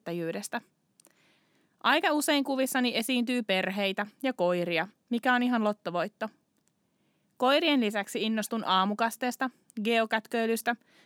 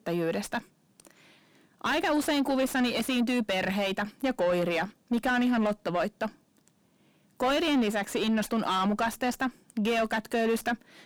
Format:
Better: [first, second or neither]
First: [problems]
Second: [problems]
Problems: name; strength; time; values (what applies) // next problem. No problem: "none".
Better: first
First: none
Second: distortion; heavy; 7 dB below the speech